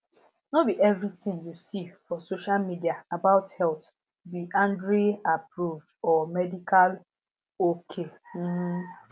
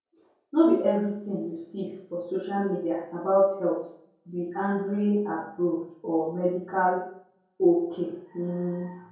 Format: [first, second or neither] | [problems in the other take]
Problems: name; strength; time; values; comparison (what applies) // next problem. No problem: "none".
first | room echo; dies away in 0.6 s